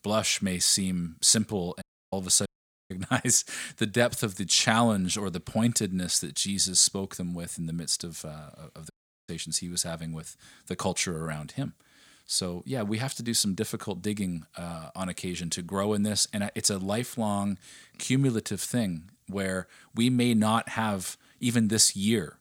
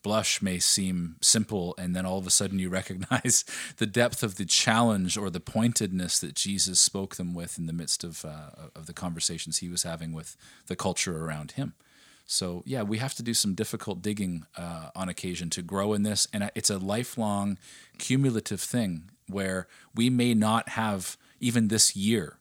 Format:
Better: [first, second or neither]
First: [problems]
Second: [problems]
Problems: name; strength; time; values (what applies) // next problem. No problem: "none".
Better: second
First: audio cutting out; at 2 s, at 2.5 s and at 9 s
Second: none